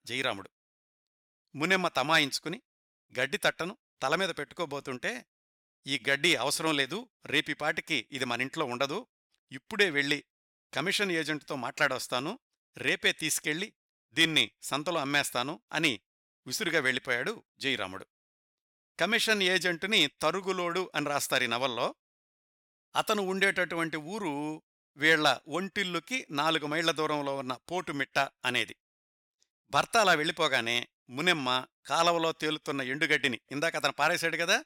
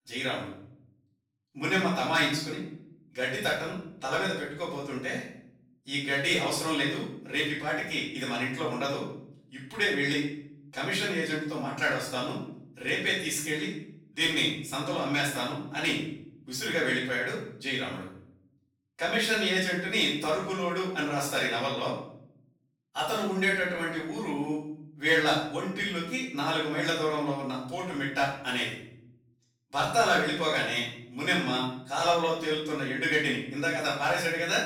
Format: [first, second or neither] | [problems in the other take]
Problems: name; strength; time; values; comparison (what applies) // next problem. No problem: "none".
first | off-mic speech; far // room echo; noticeable; dies away in 0.8 s